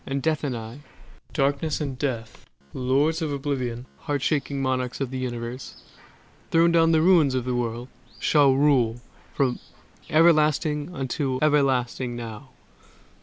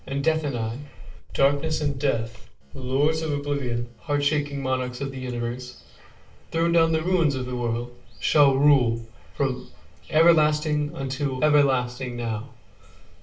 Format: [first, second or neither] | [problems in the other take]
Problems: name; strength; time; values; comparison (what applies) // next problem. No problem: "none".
first | room echo; dies away in 0.3 s